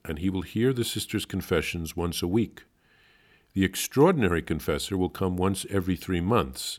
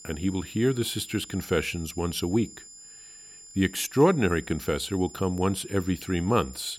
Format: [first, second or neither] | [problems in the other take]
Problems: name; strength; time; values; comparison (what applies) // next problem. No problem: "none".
first | high-pitched whine; noticeable; throughout; 7 kHz, 20 dB below the speech